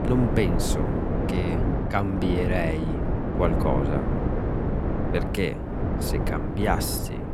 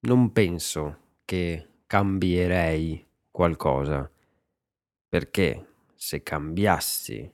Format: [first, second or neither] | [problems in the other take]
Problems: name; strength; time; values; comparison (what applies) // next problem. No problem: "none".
second | wind noise on the microphone; heavy; 2 dB below the speech